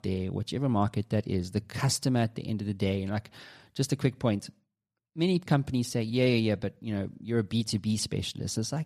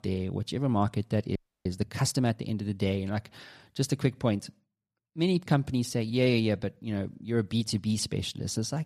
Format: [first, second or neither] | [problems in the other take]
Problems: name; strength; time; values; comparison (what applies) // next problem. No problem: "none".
first | audio freezing; at 1.5 s